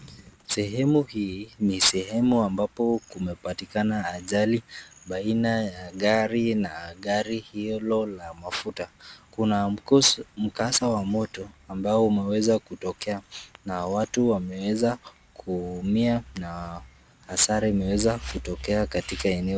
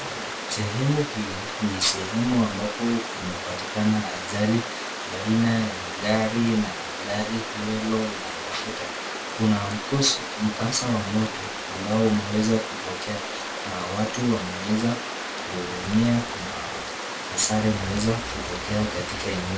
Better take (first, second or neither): first